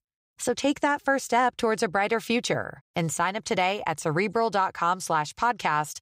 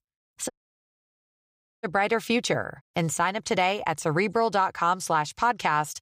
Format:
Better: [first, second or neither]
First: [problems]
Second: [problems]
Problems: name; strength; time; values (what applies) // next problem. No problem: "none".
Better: first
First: none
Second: audio cutting out; at 0.5 s for 1.5 s